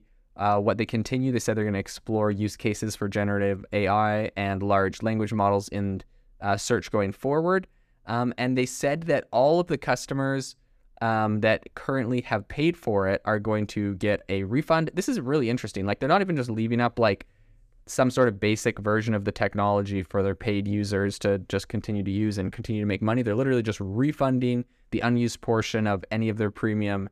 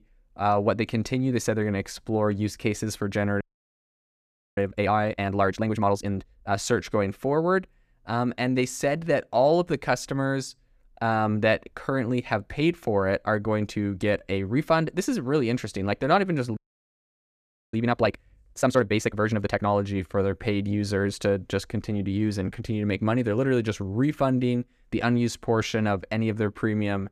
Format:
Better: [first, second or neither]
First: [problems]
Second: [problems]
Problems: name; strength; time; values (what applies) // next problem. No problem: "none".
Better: first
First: none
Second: audio freezing; at 3.5 s for 1 s and at 17 s for 1 s